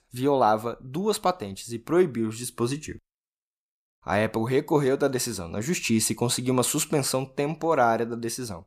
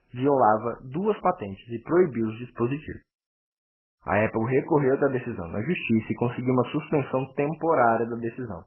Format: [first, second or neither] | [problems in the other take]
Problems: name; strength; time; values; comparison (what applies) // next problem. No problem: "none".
first | garbled, watery; badly; nothing above 3 kHz